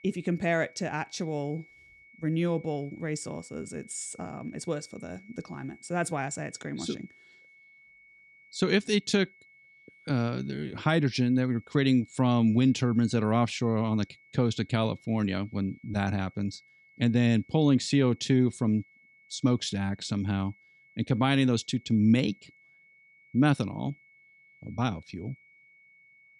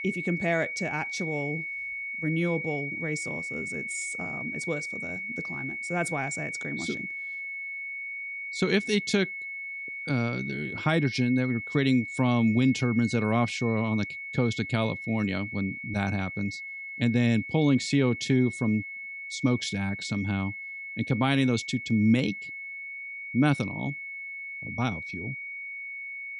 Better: first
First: high-pitched whine; faint; throughout; 2 kHz, 30 dB below the speech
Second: high-pitched whine; loud; throughout; 2 kHz, 6 dB below the speech

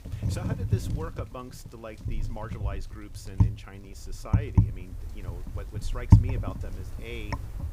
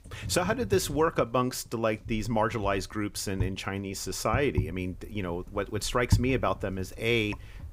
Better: second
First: wind noise on the microphone; heavy; 3 dB above the speech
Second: wind noise on the microphone; occasional gusts; 20 dB below the speech

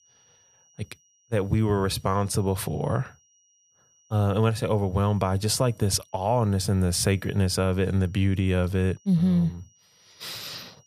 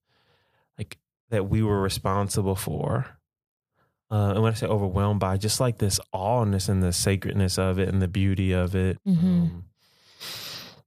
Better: second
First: high-pitched whine; faint; throughout; 6 kHz, 35 dB below the speech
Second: none

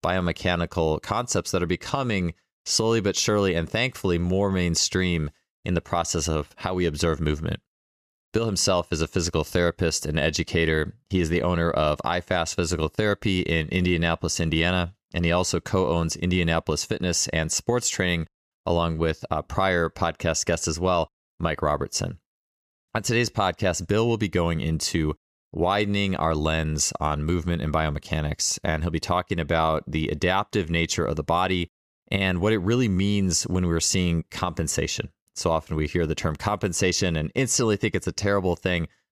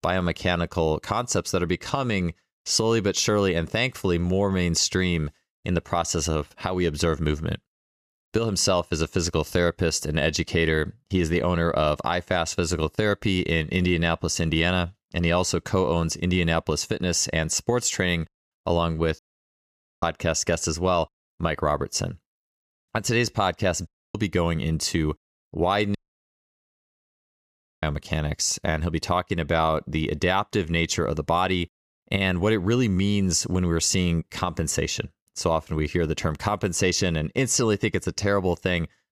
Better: first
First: none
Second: audio cutting out; at 19 s for 1 s, at 24 s and at 26 s for 2 s

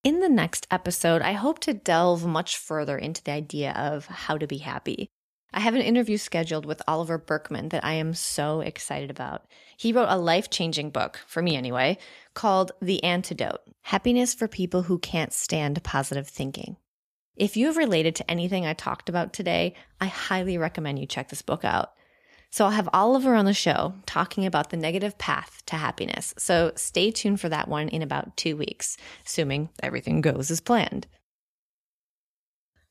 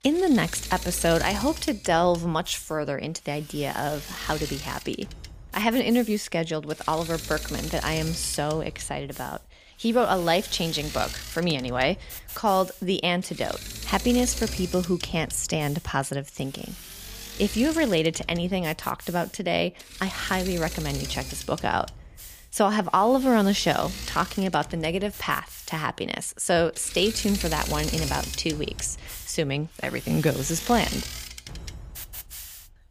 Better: first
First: none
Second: machinery noise; noticeable; throughout; 10 dB below the speech

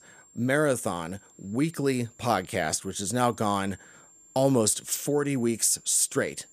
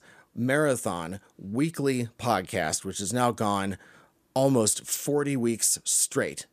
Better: second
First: high-pitched whine; faint; throughout; 7.5 kHz, 25 dB below the speech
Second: none

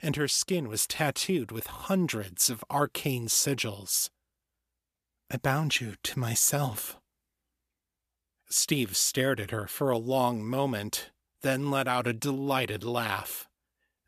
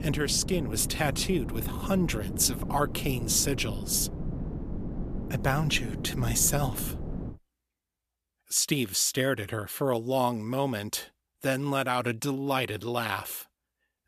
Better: first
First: none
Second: wind noise on the microphone; occasional gusts; until 7.5 s; 15 dB below the speech

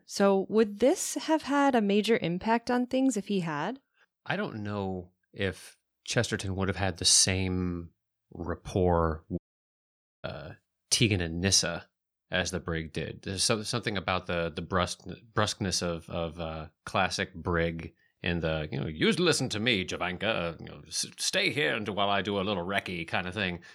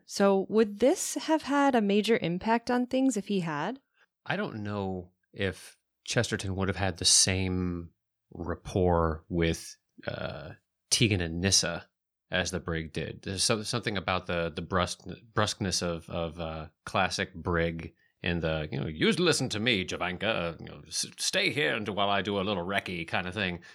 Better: second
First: audio cutting out; at 9.5 s for 1 s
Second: none

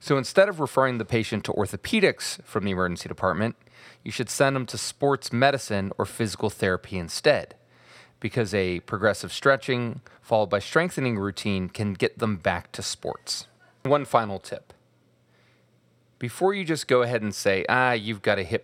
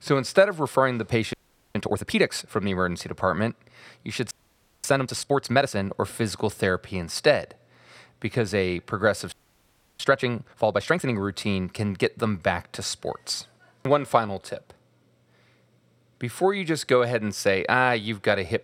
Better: first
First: none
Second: audio freezing; at 1.5 s, at 4.5 s for 0.5 s and at 9.5 s for 0.5 s

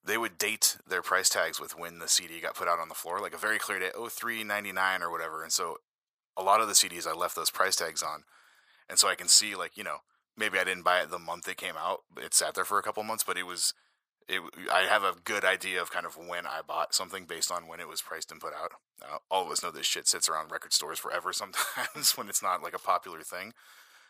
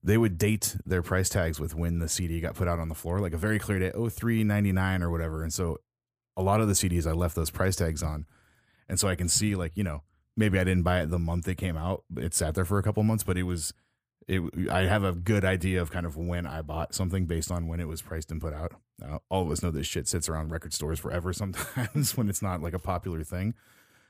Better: second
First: thin; very; fading below 800 Hz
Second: none

